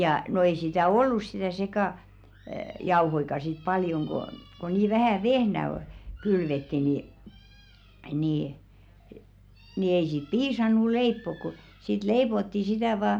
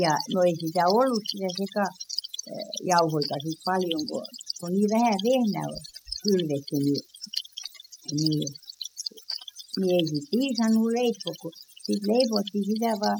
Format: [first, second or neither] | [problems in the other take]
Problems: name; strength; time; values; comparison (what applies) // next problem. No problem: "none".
first | noise reduction (classical method spectral subtraction)